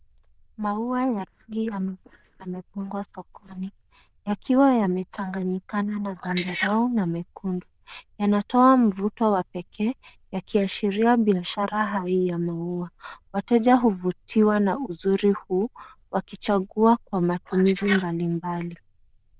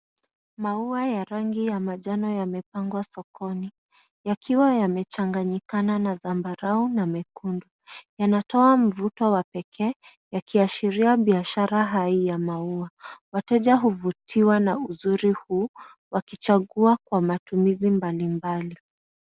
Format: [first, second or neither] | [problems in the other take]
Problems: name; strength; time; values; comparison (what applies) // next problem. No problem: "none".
second | noise reduction (neural diffusion model UNIVERSE++)